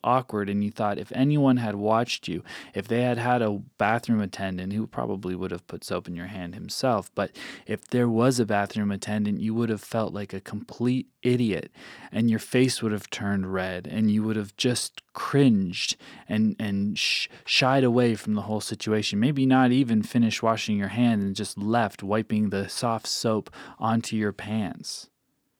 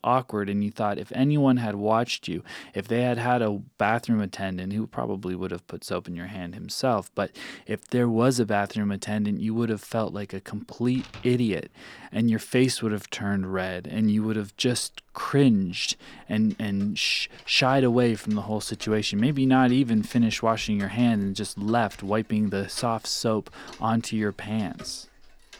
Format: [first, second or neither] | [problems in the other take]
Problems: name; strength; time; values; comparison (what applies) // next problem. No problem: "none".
first | household noises; faint; throughout; 25 dB below the speech